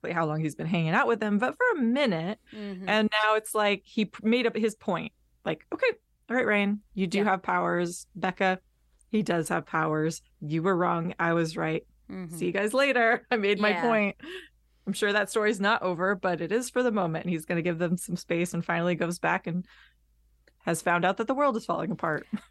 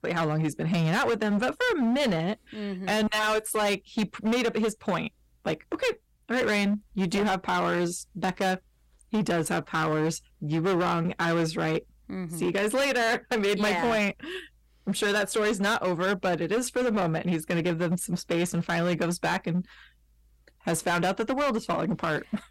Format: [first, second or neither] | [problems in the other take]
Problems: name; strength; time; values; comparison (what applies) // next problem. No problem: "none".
first | distortion; heavy; 17% of the sound clipped